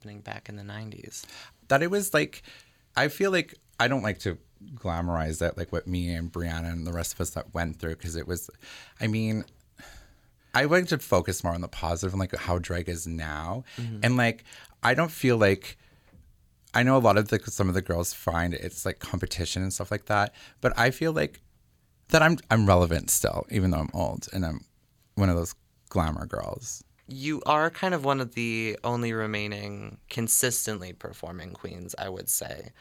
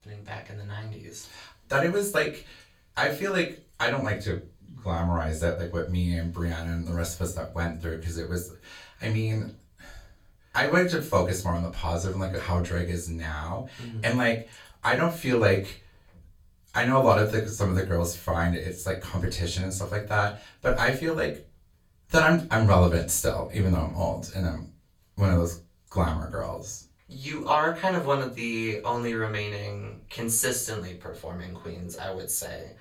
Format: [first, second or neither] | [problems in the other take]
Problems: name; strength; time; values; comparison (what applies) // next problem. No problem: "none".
first | off-mic speech; far // room echo; very slight; dies away in 0.2 s